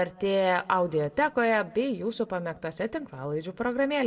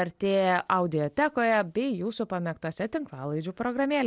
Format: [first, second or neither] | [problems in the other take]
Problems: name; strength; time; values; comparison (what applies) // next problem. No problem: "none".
second | room echo; dies away in 0.4 s